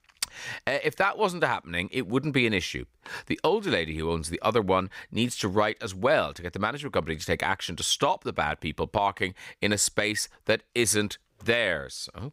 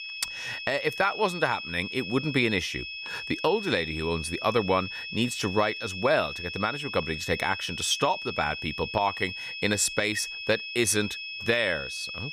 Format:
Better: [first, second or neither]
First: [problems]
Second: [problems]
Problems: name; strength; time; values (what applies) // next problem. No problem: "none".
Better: first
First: none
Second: high-pitched whine; loud; throughout; 2.5 kHz, 7 dB below the speech